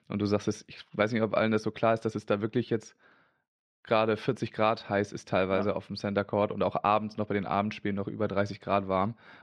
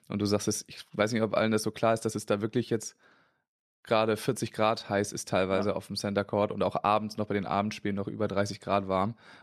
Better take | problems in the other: second | muffled; slightly; fading above 3 kHz

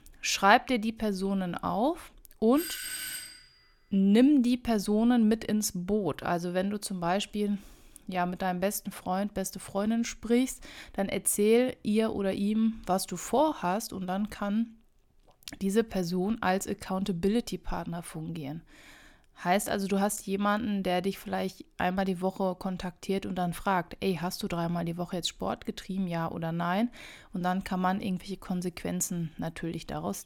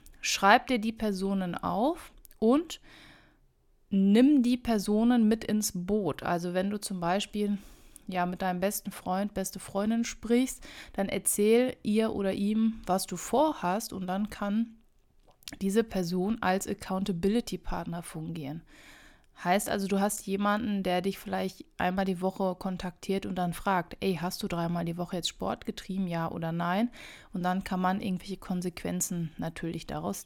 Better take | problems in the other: second | doorbell; noticeable; at 2.5 s; peak 5 dB below the speech

